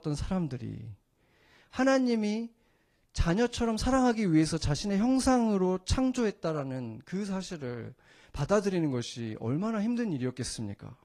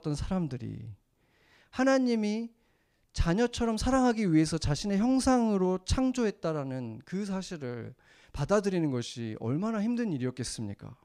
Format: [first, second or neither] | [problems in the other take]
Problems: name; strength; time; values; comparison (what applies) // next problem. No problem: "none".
second | garbled, watery; slightly; nothing above 14.5 kHz